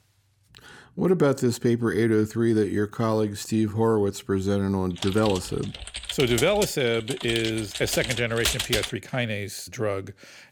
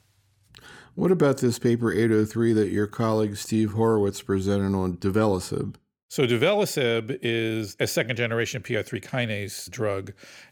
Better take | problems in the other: second | keyboard typing; loud; from 5 to 9 s; peak 1 dB above the speech

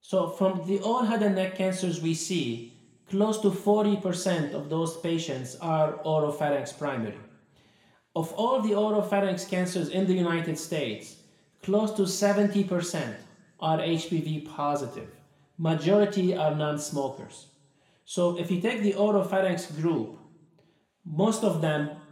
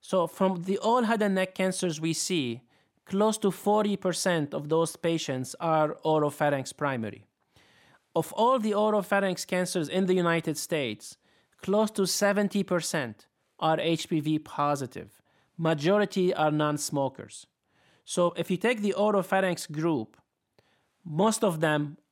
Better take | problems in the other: second | room echo; slight; dies away in 0.7 s // off-mic speech; somewhat distant

